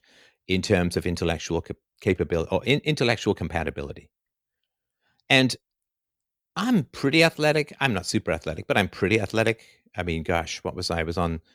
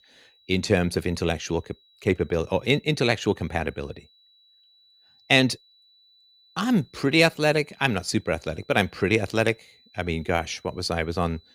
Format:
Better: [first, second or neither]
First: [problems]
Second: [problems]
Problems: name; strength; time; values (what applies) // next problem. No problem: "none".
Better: first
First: none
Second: high-pitched whine; faint; throughout; 4 kHz, 30 dB below the speech